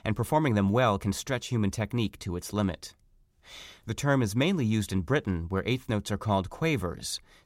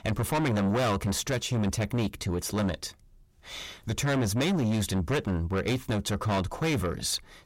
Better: first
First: none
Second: distortion; heavy; 5 dB below the speech

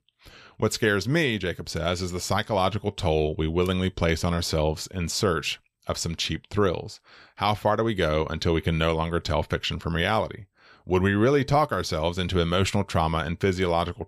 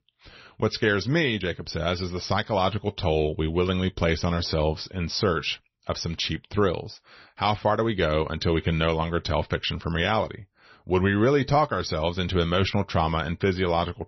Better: first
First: none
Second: garbled, watery; slightly; nothing above 6 kHz

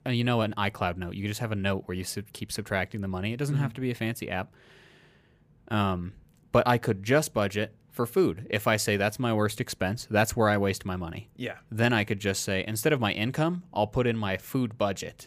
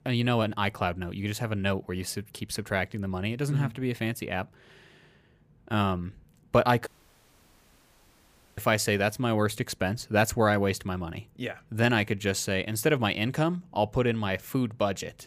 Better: first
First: none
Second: audio cutting out; at 7 s for 1.5 s

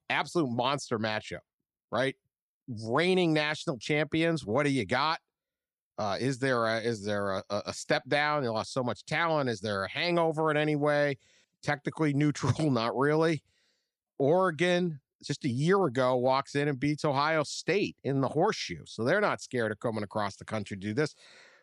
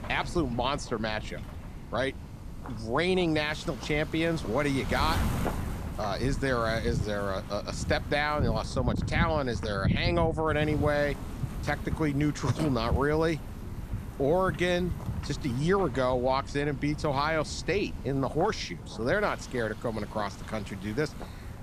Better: first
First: none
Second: wind noise on the microphone; occasional gusts; 15 dB below the speech

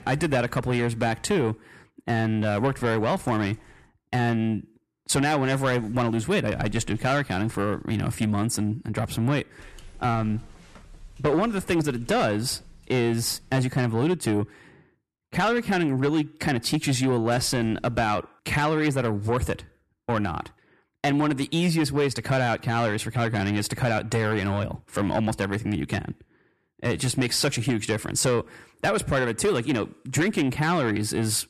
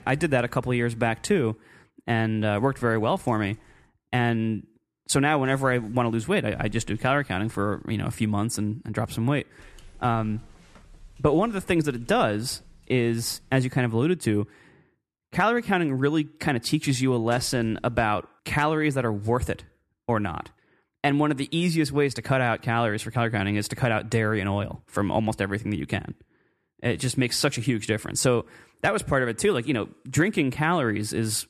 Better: second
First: distortion; slight; 10 dB below the speech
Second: none

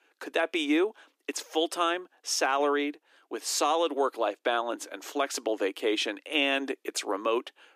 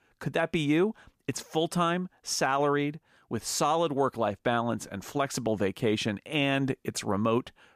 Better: second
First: thin; very slightly; fading below 300 Hz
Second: none

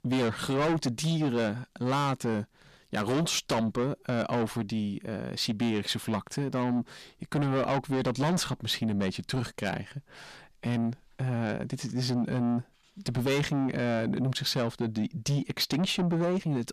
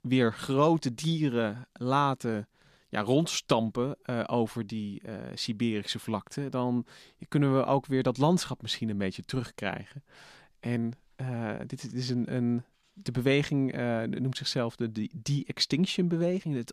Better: second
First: distortion; heavy; 7 dB below the speech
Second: none

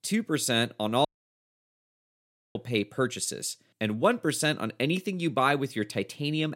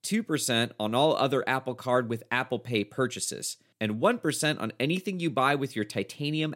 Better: second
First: audio cutting out; at 1 s for 1.5 s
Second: none

